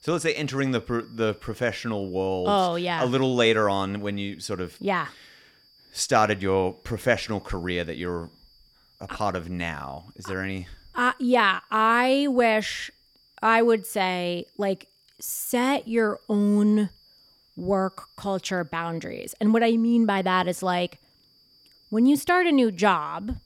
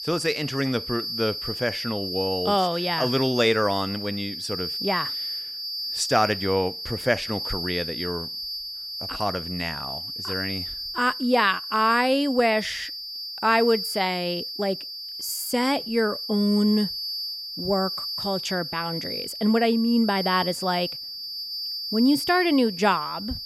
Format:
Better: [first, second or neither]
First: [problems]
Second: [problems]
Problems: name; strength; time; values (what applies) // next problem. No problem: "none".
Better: first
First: high-pitched whine; faint; throughout; 4.5 kHz, 30 dB below the speech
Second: high-pitched whine; loud; throughout; 4.5 kHz, 5 dB below the speech